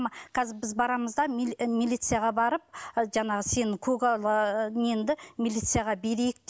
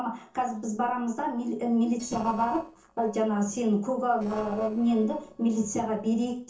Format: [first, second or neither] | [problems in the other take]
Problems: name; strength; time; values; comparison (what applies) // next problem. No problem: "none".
first | noise reduction (neural separator model SepFormer DNS4)